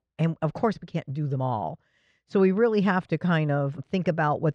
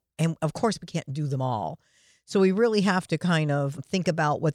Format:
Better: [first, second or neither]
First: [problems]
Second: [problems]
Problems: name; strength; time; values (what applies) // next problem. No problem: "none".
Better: second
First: muffled; slightly; fading above 2.5 kHz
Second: none